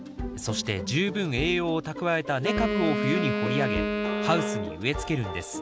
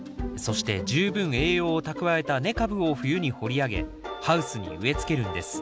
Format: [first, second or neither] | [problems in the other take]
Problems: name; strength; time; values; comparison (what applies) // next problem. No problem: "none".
second | background sound (Wind instrument, woodwind instrument); 2 dB below the speech